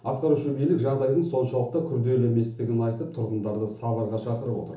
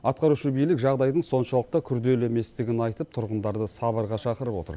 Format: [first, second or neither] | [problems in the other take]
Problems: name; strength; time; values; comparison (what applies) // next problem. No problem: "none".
second | room echo; dies away in 0.8 s